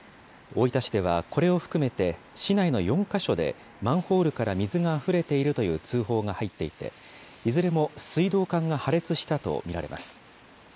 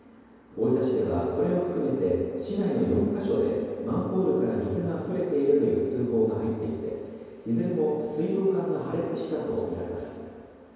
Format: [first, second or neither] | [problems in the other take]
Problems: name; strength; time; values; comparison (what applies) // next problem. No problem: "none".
first | room echo; dies away in 2.2 s